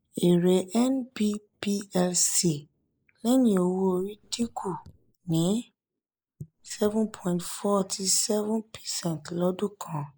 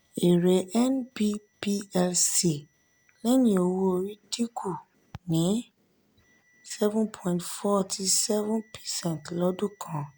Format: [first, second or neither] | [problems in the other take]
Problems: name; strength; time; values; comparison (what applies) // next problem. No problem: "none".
second | noise reduction (neural mask model Resemble Enhance denoiser)